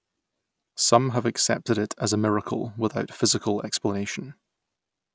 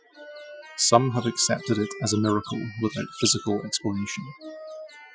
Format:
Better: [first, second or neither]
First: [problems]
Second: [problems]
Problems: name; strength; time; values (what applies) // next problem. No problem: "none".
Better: first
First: none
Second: noise reduction (classical method Wiener filter)